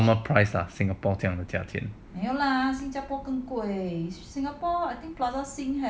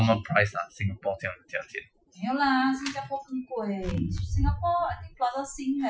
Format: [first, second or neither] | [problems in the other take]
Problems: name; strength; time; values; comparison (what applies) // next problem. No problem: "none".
first | noise reduction (classical method Wiener filter)